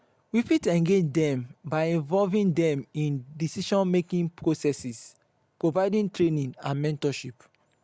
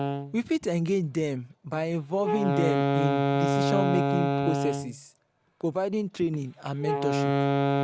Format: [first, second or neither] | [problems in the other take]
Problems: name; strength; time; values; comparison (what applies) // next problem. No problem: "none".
first | background sound (Wind instrument, woodwind instrument); 2 dB above the speech